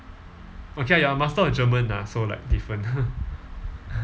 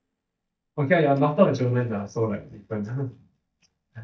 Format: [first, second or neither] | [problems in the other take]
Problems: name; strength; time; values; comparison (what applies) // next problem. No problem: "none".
first | noise reduction (neural mask model DeepFilterNet 3)